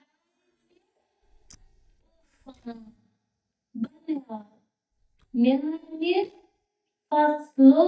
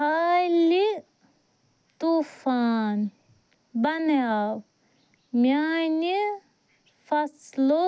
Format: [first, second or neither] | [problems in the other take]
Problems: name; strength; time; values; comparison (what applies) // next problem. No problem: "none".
second | noise reduction (neural mask model DeepFilterNet 3)